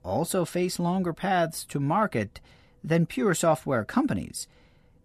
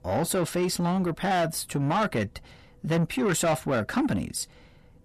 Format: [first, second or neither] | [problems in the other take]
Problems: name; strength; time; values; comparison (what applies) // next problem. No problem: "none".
first | distortion; slight; 10 dB below the speech